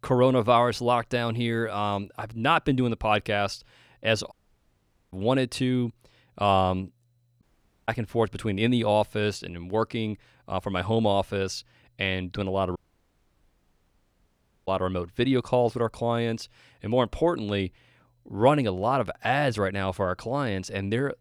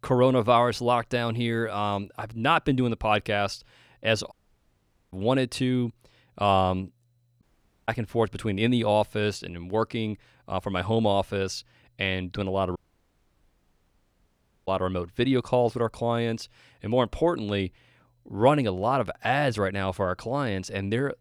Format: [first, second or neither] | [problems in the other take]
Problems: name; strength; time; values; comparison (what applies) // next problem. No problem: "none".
neither | audio cutting out; at 4.5 s for 1 s, at 7.5 s and at 13 s for 2 s; the same in both